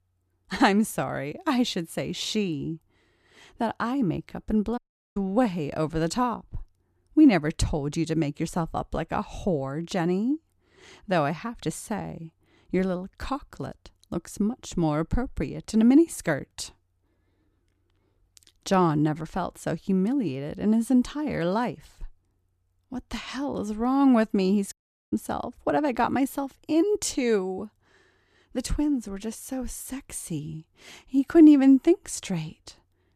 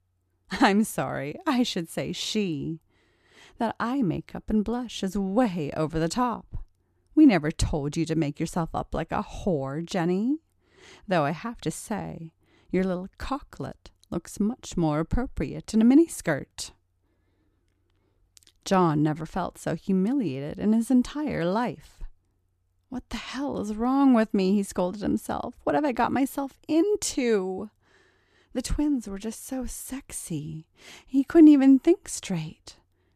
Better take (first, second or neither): second